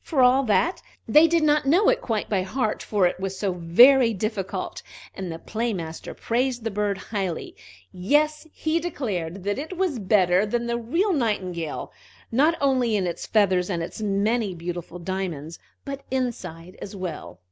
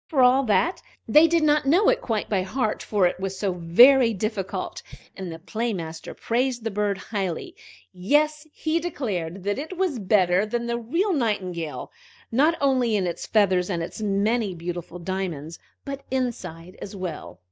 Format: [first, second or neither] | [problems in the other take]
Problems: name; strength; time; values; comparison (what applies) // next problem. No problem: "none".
first | noise reduction (neural mask model DeepFilterNet 3)